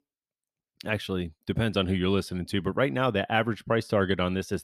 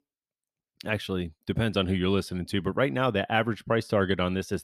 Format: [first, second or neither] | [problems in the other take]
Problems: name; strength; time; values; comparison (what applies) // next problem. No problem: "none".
neither | none